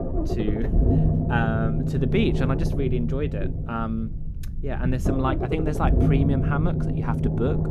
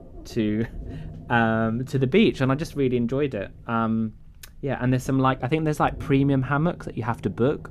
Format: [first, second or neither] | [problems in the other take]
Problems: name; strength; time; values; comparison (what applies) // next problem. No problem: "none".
second | low rumble; loud; throughout; 3 dB below the speech; faint in the second